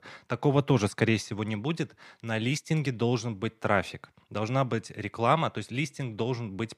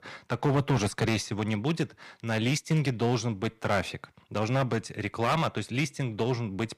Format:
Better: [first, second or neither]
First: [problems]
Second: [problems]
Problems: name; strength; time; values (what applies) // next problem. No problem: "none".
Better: first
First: none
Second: distortion; heavy; 6% of the sound clipped